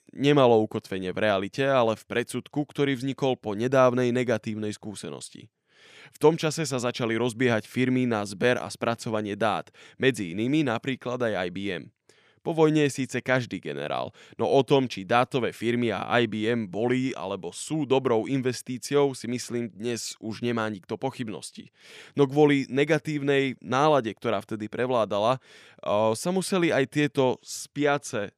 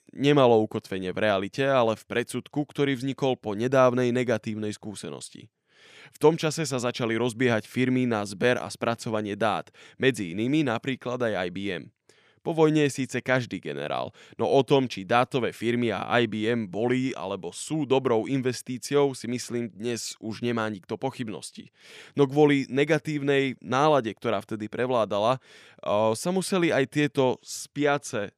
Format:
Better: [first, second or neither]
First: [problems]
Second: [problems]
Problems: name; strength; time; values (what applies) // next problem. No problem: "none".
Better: neither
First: none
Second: none